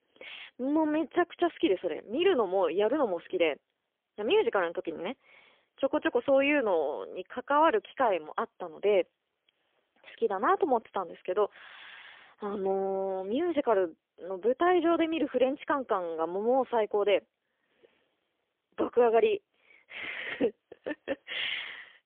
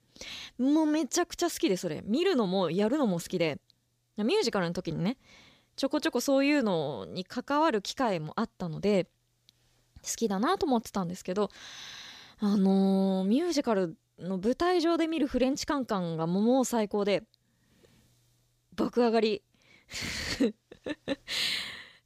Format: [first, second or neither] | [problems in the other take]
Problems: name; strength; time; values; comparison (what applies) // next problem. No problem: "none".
second | phone-call audio; poor line; nothing above 3.5 kHz